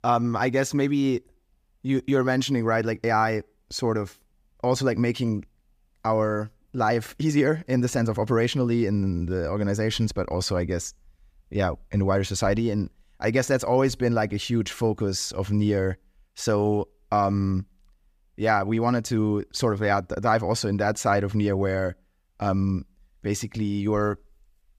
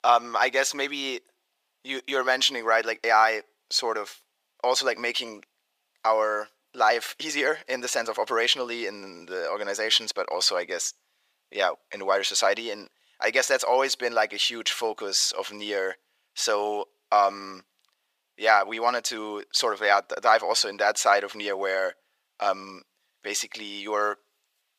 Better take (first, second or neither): first